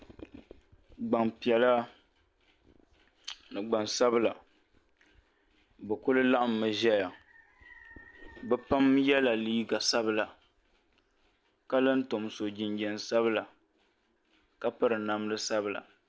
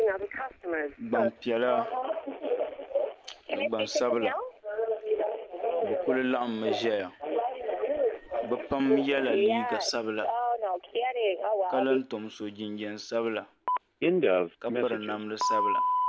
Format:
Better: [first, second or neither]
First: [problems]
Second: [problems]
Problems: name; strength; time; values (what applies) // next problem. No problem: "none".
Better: first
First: none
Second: background sound (Telephone); 3 dB above the speech